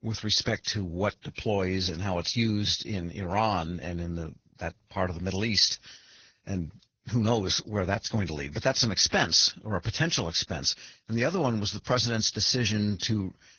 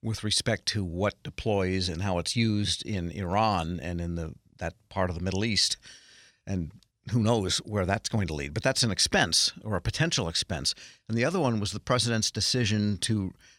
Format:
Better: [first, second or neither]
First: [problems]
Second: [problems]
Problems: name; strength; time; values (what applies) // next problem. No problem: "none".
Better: second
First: garbled, watery; badly; nothing above 6.5 kHz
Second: none